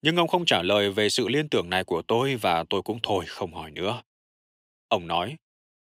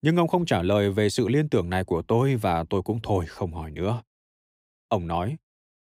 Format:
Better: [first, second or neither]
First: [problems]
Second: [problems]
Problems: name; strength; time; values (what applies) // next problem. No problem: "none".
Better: second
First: thin; very slightly; fading below 450 Hz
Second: none